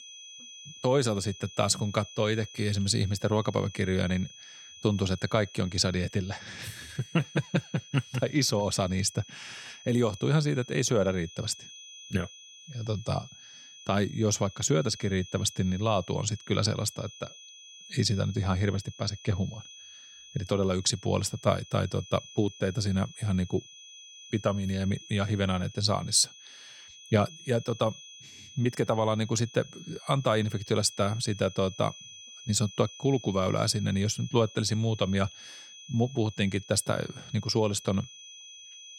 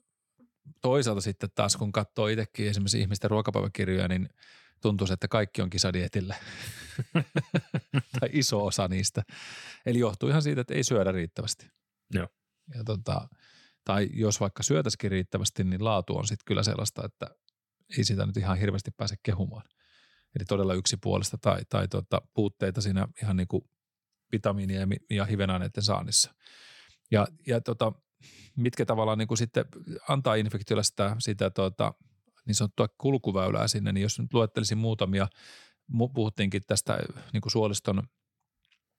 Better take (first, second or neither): second